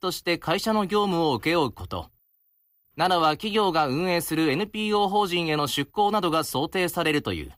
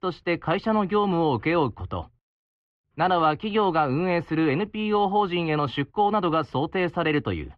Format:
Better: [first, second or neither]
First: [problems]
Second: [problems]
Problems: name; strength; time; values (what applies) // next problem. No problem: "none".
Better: first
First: none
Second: muffled; slightly; fading above 2.5 kHz